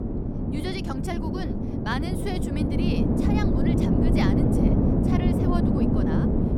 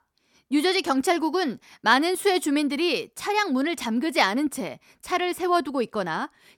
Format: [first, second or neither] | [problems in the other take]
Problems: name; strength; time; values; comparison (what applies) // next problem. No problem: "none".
second | wind noise on the microphone; heavy; 5 dB above the speech